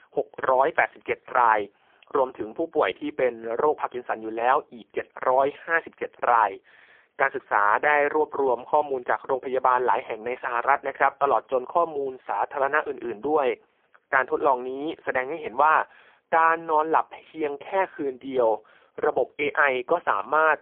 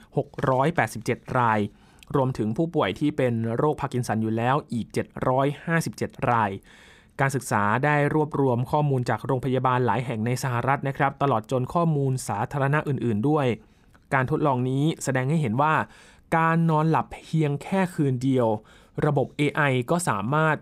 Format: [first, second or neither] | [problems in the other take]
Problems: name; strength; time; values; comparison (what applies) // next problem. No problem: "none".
second | phone-call audio; poor line; nothing above 3.5 kHz